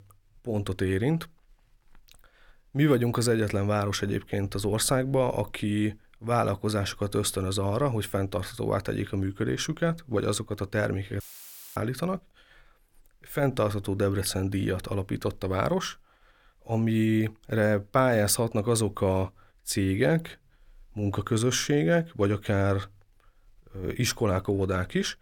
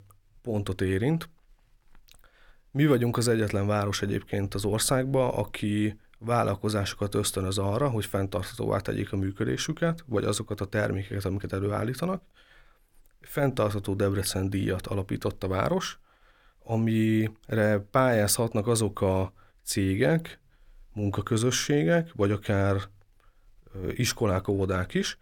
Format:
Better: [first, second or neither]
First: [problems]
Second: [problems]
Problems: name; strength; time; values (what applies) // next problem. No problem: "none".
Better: second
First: audio cutting out; filled with static; at 11 s for 0.5 s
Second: none